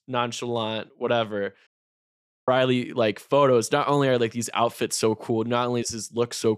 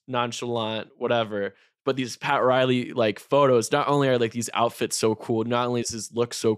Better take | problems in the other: second | audio cutting out; at 1.5 s for 1 s

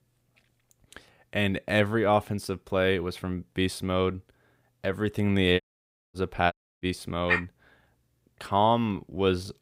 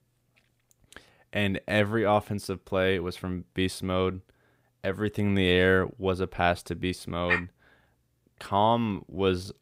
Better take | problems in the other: second | audio cutting out; at 5.5 s for 0.5 s and at 6.5 s

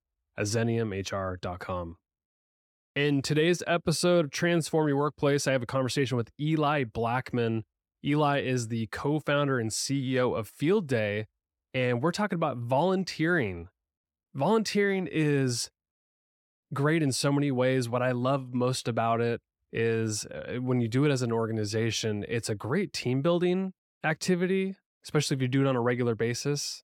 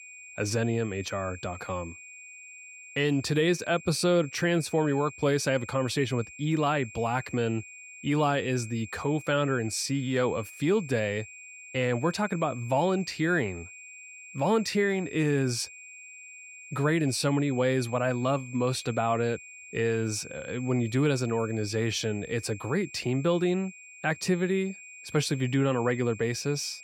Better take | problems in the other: first | high-pitched whine; noticeable; throughout; 2.5 kHz, 15 dB below the speech

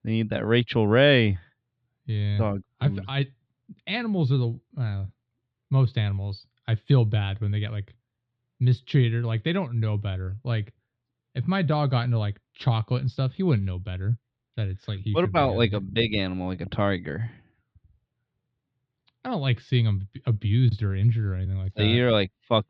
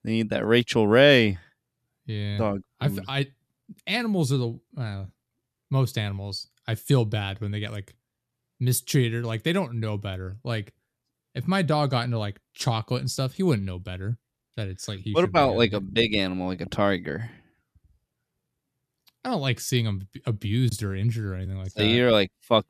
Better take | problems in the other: second | muffled; slightly; fading above 4 kHz

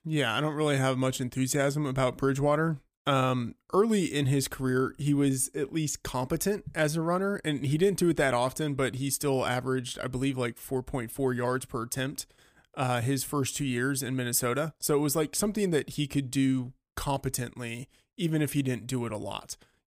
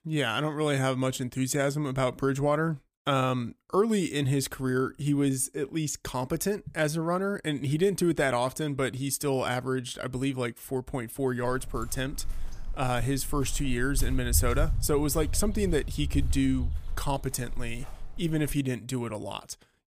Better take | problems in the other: first | footsteps; noticeable; from 11 to 19 s; peak 1 dB below the speech

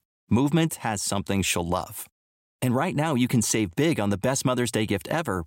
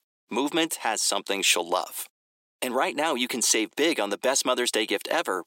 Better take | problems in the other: first | thin; somewhat; fading below 350 Hz

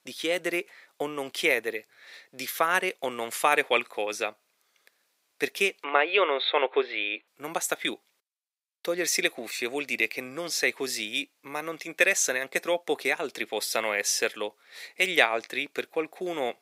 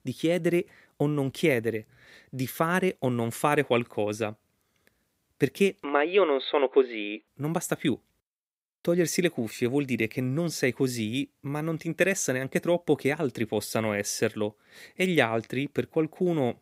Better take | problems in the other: second | thin; very; fading below 600 Hz

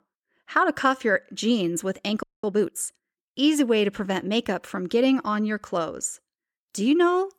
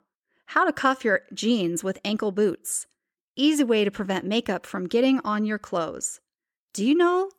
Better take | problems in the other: second | audio freezing; at 2 s

